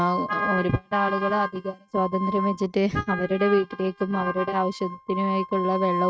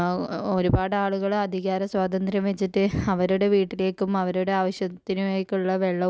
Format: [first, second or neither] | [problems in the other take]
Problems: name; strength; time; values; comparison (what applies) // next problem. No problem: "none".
second | noise reduction (neural mask model RNNoise)